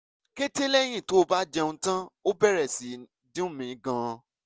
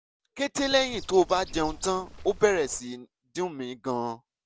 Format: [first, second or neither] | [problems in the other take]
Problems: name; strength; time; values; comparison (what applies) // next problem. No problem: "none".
first | background sound (Bird); 14 dB below the speech